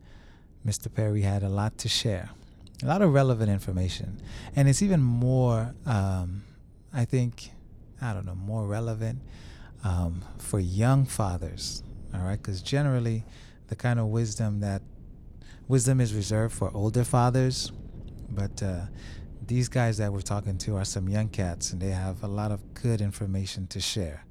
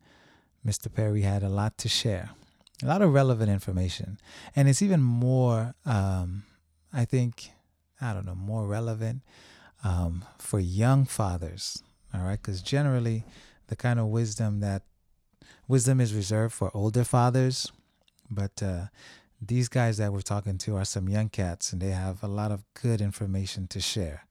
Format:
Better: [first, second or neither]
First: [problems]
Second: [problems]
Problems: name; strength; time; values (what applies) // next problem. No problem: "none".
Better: second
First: wind noise on the microphone; occasional gusts; 25 dB below the speech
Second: none